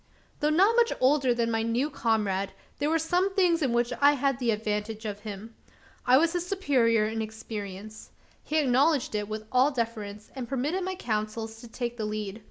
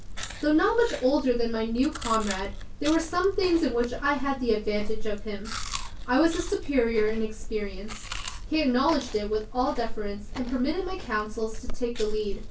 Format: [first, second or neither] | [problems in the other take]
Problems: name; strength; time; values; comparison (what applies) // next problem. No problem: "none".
first | background sound (Chewing, mastication); 5 dB below the speech // room echo; dies away in 0.2 s